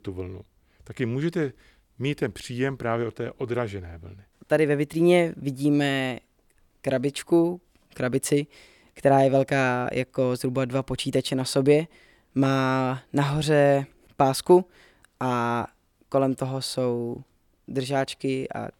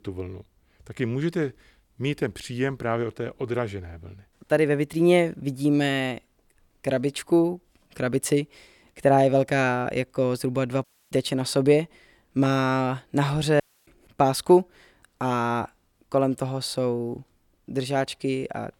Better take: first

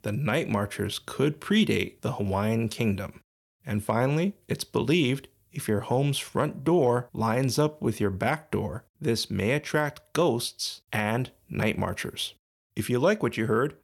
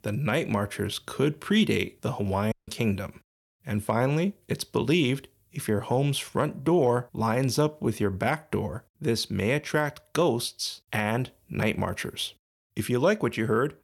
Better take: first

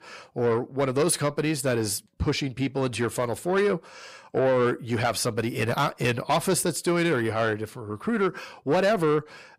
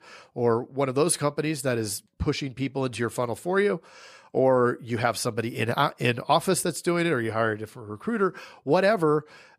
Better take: second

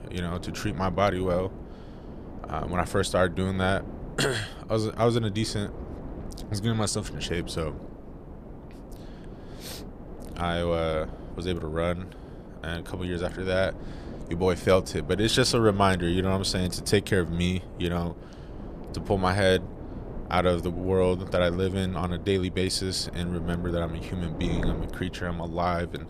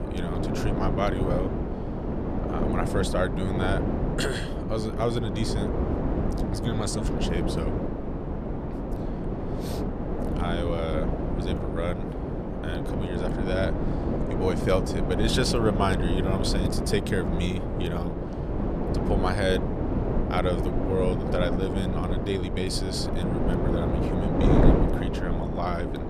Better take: first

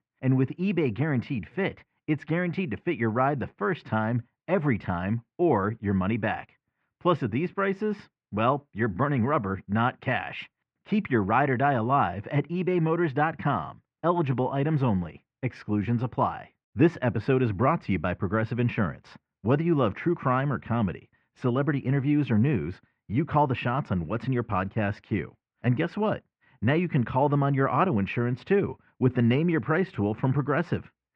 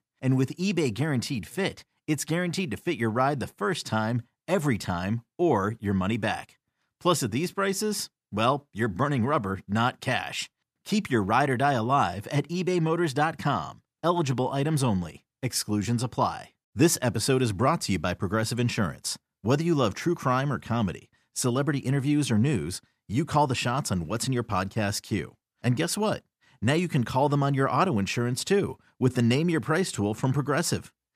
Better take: second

